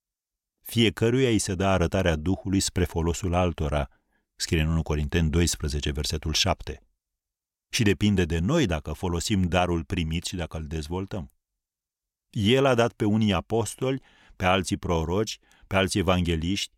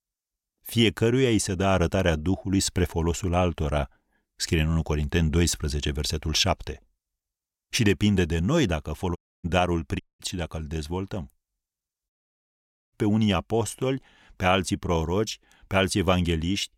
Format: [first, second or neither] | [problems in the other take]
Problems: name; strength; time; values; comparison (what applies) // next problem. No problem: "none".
first | audio cutting out; at 9 s, at 10 s and at 12 s for 1 s